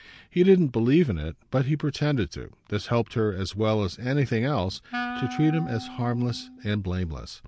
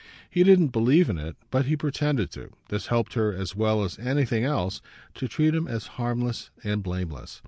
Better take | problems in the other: second | background sound (Wind instrument, woodwind instrument); 12 dB below the speech

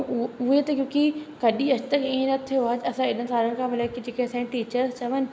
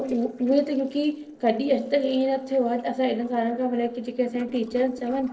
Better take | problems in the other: first | noise reduction (neural separator model SepFormer DNS4)

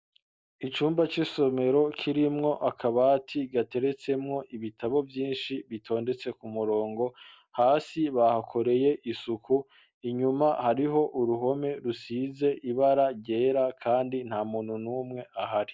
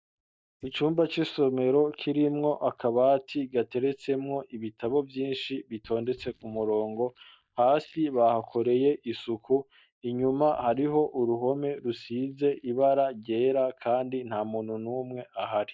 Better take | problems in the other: first | noise reduction (neural mask model DeepFilterNet 3)

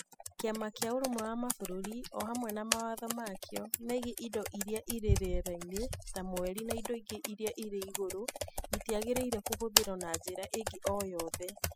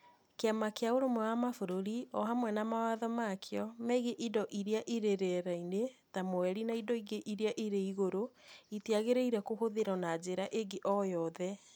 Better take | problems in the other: second | noise reduction (classical method spectral subtraction)

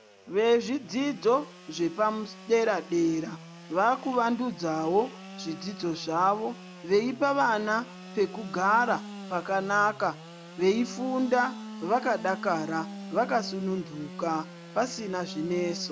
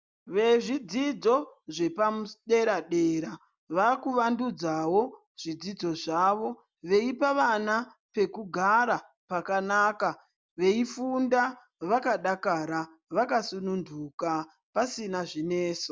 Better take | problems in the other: second | background sound (Sawing / Engine); 15 dB below the speech

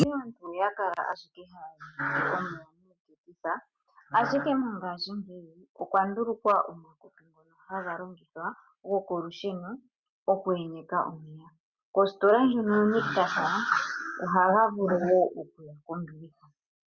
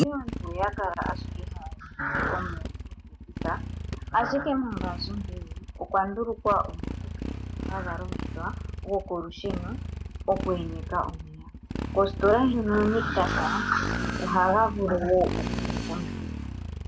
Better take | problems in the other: first | background sound (Motorcycle); 5 dB below the speech

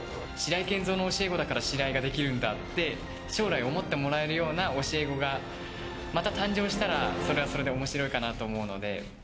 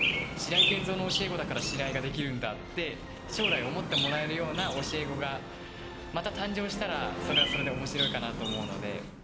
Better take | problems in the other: first | background sound (Chirp, tweet); as loud as the speech

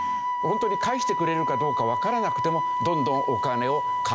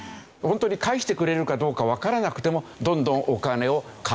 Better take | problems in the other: second | background sound (Wind instrument, woodwind instrument); 2 dB above the speech

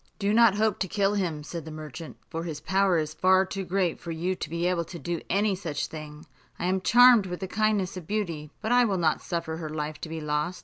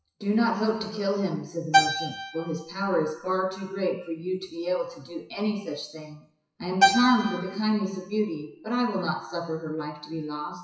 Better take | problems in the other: first | noise reduction (classical method WPE with log-MMSE)

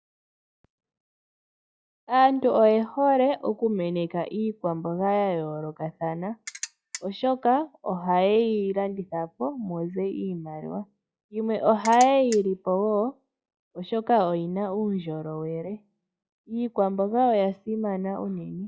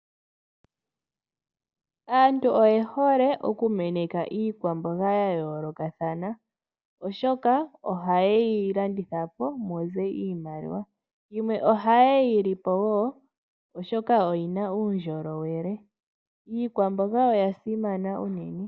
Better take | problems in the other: second | noise reduction (classical method log-MMSE)

